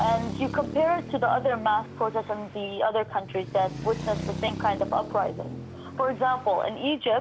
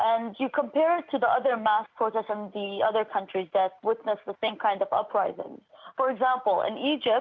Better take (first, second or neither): second